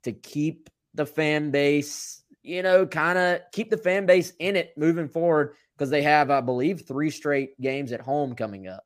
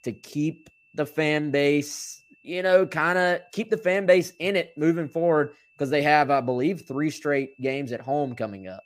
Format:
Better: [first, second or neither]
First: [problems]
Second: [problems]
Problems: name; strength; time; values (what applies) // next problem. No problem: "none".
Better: first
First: none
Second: high-pitched whine; faint; throughout; 2.5 kHz, 35 dB below the speech